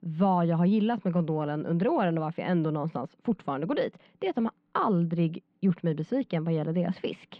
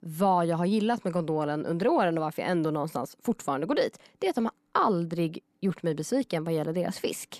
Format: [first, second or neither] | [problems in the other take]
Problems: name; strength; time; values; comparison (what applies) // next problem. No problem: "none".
second | muffled; slightly; fading above 3 kHz